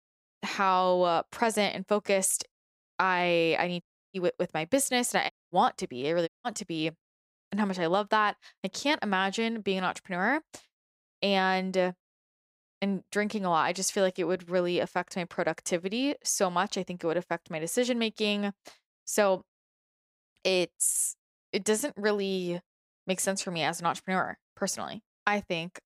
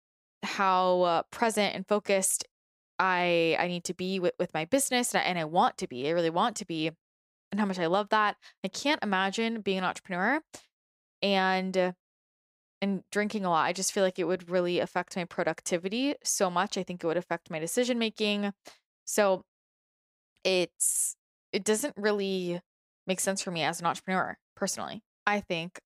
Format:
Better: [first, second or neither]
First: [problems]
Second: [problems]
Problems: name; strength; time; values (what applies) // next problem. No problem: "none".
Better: second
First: audio cutting out; at 4 s, at 5.5 s and at 6.5 s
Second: none